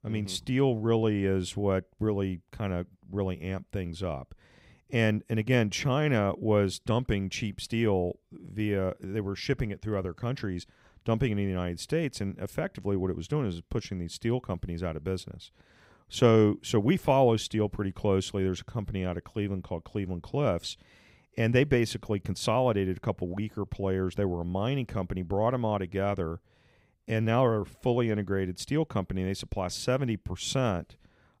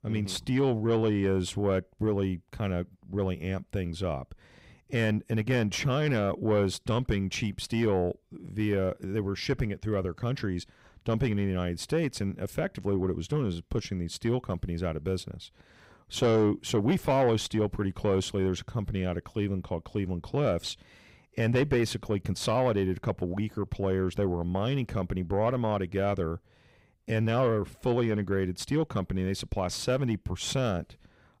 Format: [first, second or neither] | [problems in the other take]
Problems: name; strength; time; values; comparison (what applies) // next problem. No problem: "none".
first | distortion; slight; 10 dB below the speech